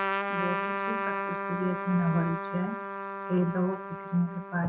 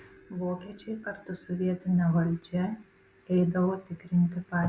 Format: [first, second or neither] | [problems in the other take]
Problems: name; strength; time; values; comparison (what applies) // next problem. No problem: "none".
second | noise reduction (neural mask model RNNoise)